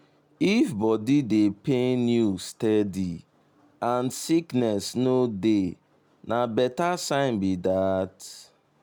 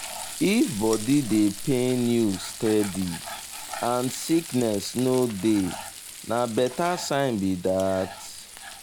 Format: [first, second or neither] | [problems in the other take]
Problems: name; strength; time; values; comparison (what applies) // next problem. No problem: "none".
first | background sound (Frying (food)); 12 dB below the speech